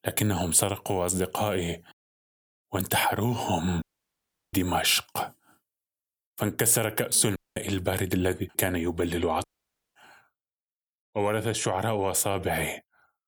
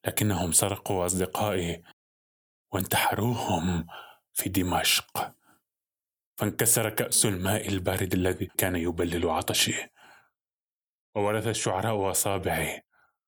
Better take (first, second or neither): second